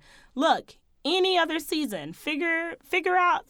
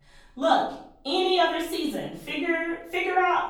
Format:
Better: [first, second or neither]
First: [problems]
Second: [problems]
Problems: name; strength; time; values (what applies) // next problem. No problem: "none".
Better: first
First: none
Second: room echo; noticeable; dies away in 0.5 s // off-mic speech; far